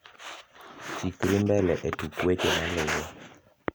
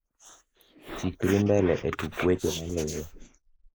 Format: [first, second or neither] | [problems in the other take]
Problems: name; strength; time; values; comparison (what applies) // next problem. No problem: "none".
first | noise reduction (neural mask model Resemble Enhance denoiser)